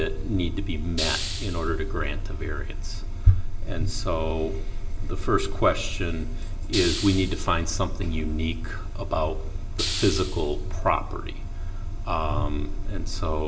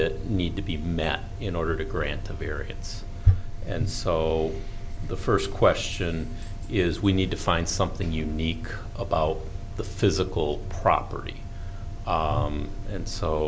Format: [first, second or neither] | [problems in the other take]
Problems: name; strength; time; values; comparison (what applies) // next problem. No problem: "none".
second | background sound (Hiss); 10 dB below the speech // room echo; dies away in 1.8 s